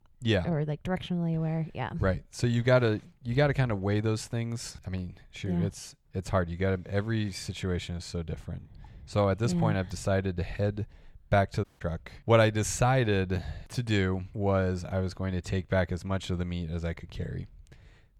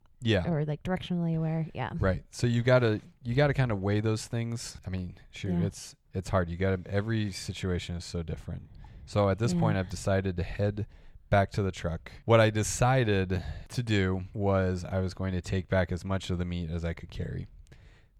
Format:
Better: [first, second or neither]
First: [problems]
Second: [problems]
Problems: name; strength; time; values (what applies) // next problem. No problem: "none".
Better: second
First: audio cutting out; at 12 s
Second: none